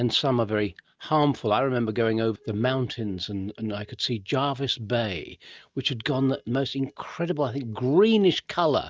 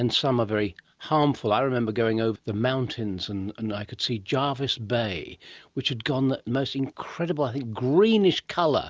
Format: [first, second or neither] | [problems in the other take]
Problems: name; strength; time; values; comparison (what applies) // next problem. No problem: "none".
second | noise reduction (neural mask model DeepFilterNet 3)